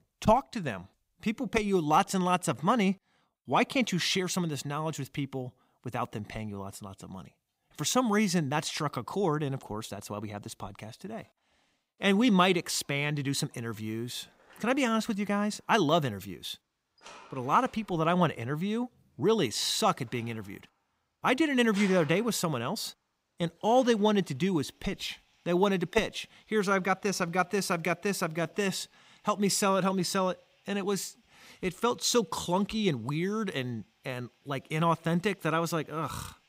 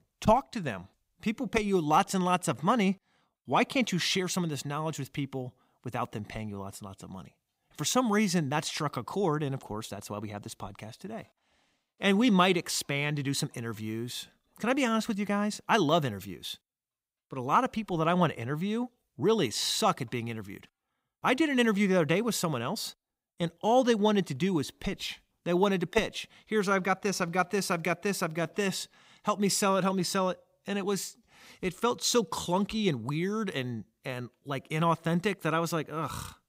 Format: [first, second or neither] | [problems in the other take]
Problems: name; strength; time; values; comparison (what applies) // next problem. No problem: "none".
second | household noises; faint; from 13 s on; 25 dB below the speech